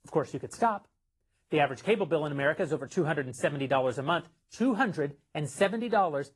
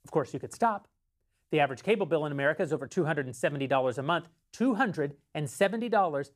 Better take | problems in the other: second | garbled, watery; slightly; nothing above 11 kHz

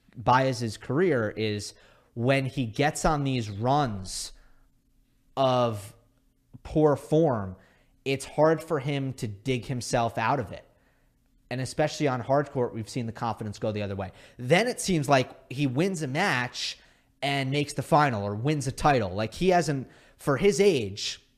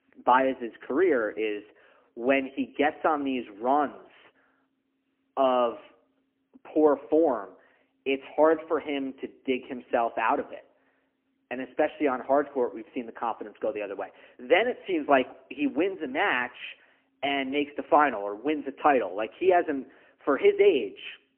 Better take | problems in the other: first | phone-call audio; poor line; nothing above 3 kHz

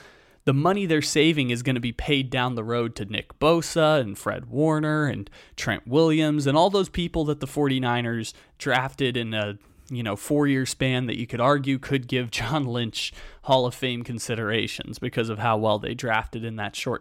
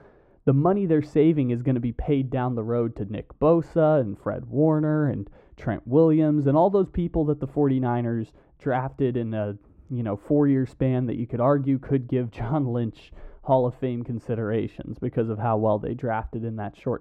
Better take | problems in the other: first | muffled; very; fading above 2 kHz

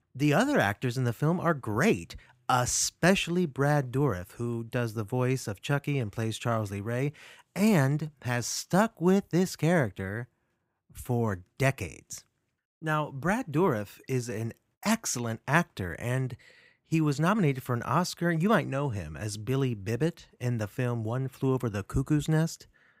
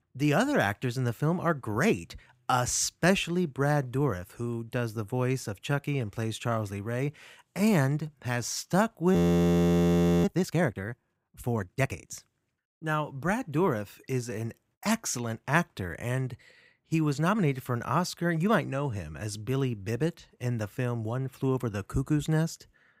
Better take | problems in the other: first | audio freezing; at 9 s for 1 s

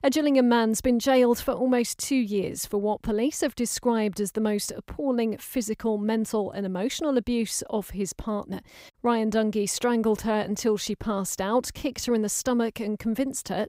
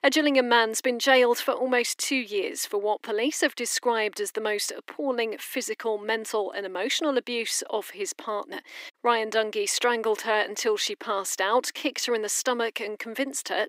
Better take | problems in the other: first | thin; somewhat; fading below 300 Hz

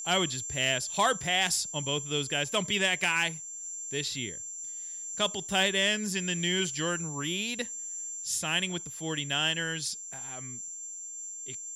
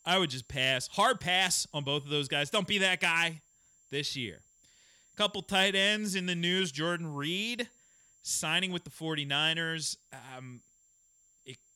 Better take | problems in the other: second | high-pitched whine; loud; throughout; 7.5 kHz, 8 dB below the speech; faint in the second

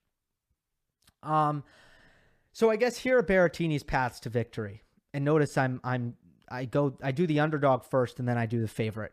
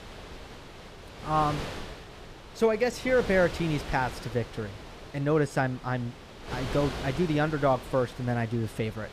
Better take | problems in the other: first | wind noise on the microphone; occasional gusts; 15 dB below the speech

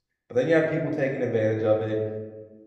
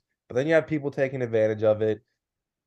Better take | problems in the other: second | room echo; slight; dies away in 1 s // off-mic speech; somewhat distant

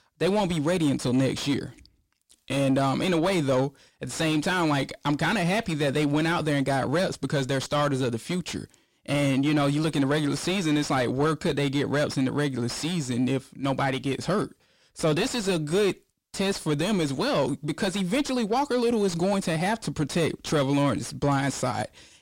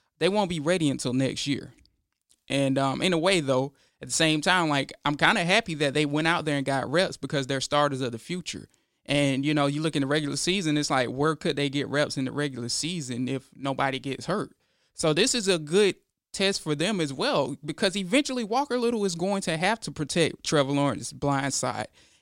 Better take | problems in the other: second | distortion; heavy; 6 dB below the speech

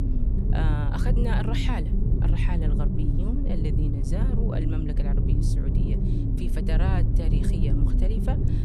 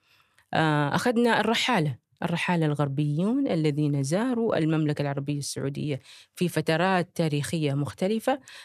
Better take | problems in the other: second | low rumble; loud; throughout; as loud as the speech

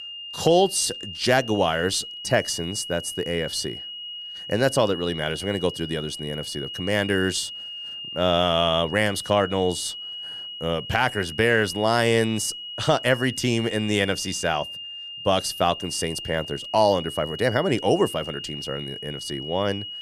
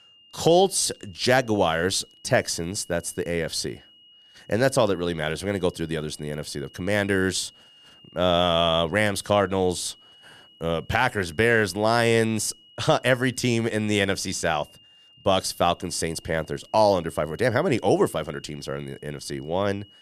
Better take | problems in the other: second | high-pitched whine; loud; throughout; 3 kHz, 9 dB below the speech; faint in the second

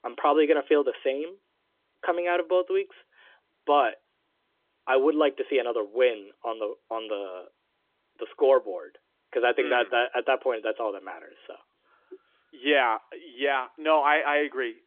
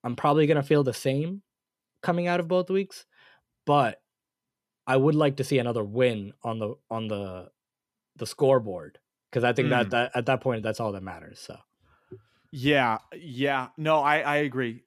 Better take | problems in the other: second | phone-call audio; nothing above 3.5 kHz

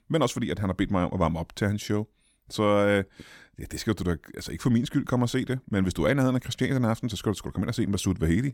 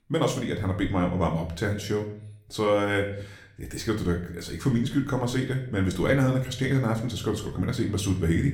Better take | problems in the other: first | room echo; slight; dies away in 0.5 s

